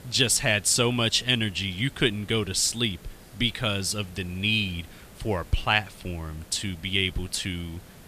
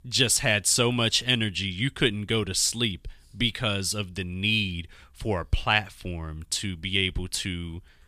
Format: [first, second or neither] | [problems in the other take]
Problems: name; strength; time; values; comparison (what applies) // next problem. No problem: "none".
second | hiss; faint; throughout; 25 dB below the speech